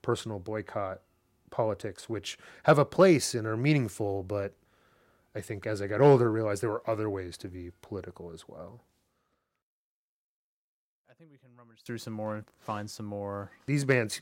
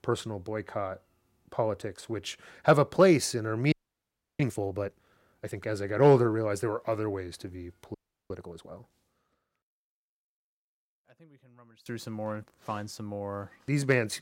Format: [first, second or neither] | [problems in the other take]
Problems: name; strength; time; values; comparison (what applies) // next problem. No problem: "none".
first | audio freezing; at 3.5 s for 0.5 s and at 8 s